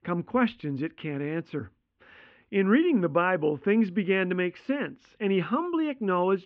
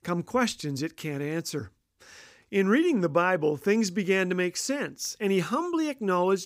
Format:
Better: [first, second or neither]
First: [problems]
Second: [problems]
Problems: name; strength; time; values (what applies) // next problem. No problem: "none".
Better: second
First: muffled; very; fading above 3 kHz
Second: none